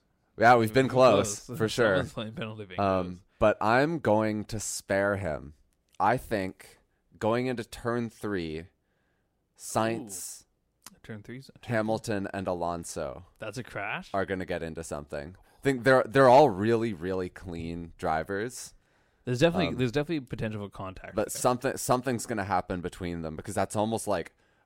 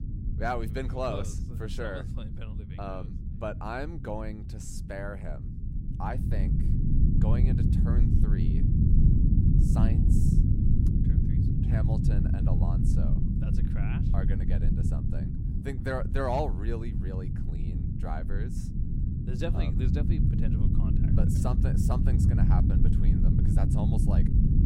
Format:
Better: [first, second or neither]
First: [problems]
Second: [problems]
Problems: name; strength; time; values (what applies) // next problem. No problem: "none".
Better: first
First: none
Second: low rumble; loud; throughout; 1 dB below the speech